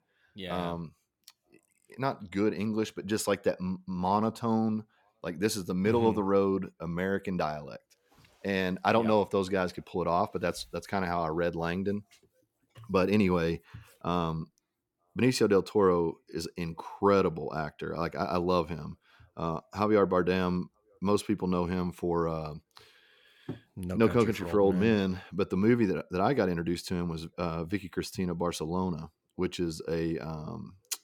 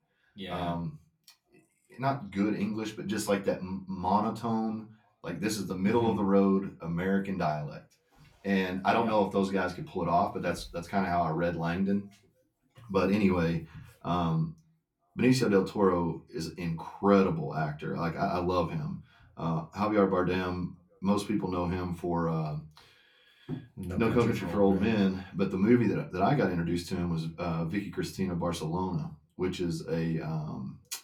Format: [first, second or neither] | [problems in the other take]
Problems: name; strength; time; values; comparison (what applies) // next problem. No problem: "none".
first | off-mic speech; far // room echo; very slight; dies away in 0.2 s